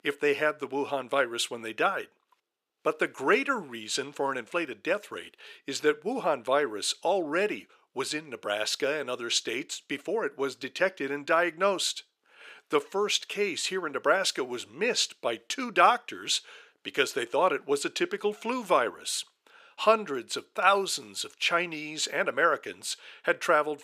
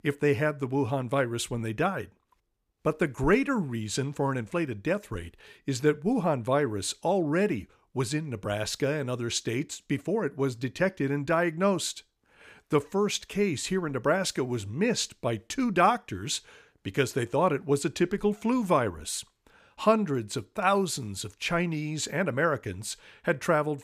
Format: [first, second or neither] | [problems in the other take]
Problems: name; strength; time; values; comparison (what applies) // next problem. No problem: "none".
second | thin; somewhat; fading below 450 Hz